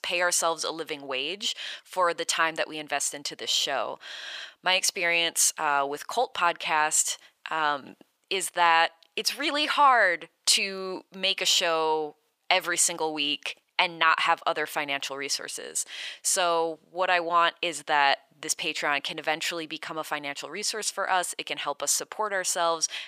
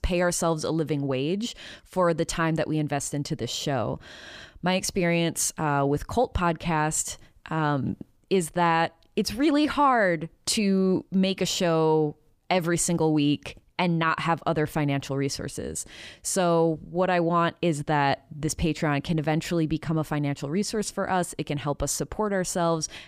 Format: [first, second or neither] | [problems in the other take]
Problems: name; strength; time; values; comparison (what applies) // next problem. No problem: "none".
second | thin; very; fading below 750 Hz